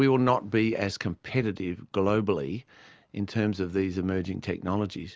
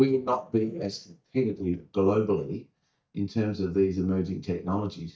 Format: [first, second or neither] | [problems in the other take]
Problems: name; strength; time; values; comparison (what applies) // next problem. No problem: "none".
first | noise reduction (neural mask model DeepFilterNet 3)